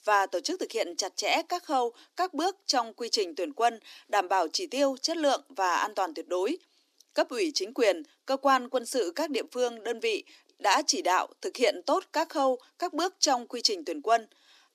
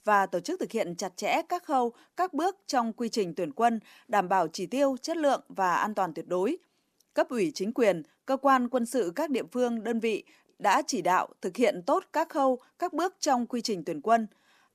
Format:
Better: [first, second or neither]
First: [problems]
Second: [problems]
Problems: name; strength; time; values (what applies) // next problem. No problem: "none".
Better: second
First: thin; very slightly; fading below 300 Hz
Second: none